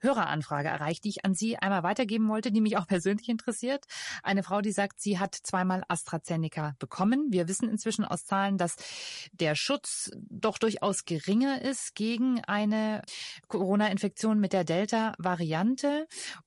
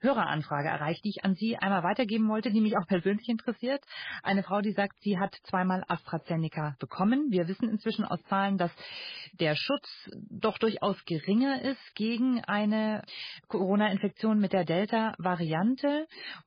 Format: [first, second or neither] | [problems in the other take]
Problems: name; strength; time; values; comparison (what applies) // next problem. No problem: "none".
first | garbled, watery; badly; slightly in the first